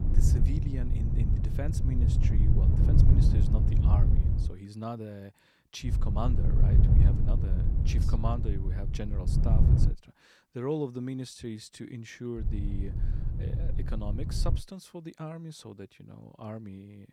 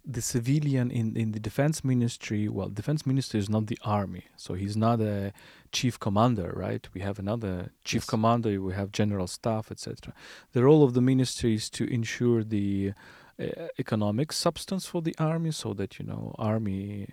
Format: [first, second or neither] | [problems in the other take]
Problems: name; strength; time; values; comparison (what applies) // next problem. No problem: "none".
second | wind noise on the microphone; heavy; until 4.5 s, from 6 to 10 s and from 12 to 15 s; as loud as the speech